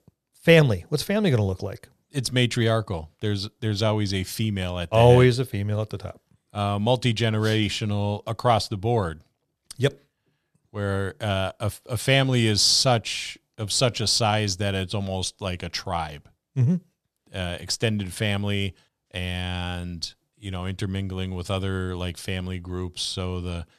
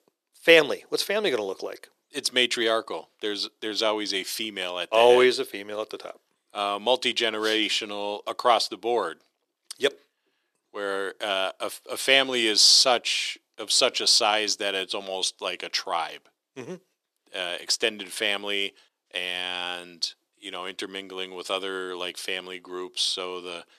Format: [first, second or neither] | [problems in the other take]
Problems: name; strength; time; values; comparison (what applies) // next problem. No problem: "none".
first | thin; very; fading below 350 Hz